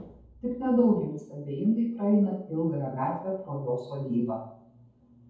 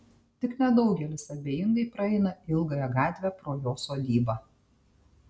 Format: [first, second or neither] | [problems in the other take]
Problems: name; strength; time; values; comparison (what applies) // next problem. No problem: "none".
second | room echo; dies away in 0.7 s